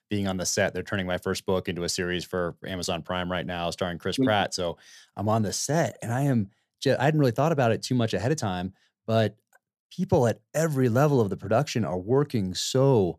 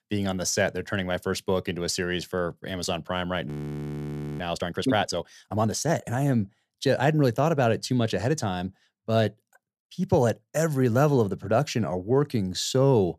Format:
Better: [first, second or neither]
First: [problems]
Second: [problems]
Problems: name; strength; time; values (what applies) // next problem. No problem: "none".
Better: first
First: none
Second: audio freezing; at 3.5 s for 1 s